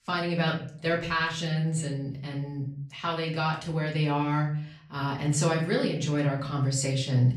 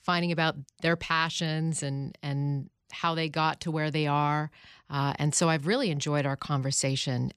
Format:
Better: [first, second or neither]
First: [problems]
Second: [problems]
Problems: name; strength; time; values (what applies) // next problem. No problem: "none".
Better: second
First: off-mic speech; far // room echo; slight; dies away in 0.5 s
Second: none